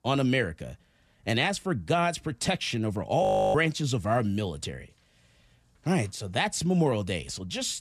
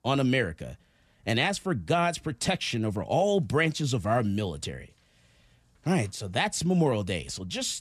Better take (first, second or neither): second